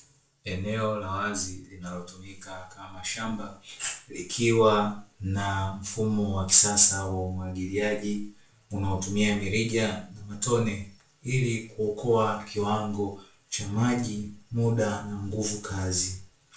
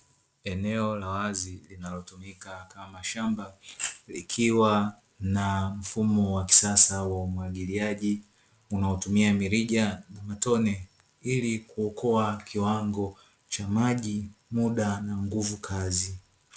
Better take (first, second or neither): second